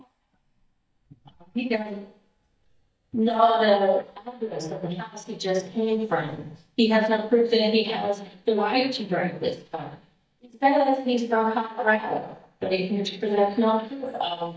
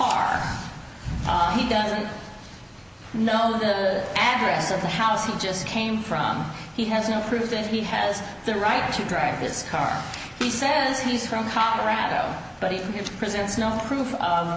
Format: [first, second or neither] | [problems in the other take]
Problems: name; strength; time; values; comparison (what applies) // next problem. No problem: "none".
second | noise reduction (neural mask model DeepFilterNet 3)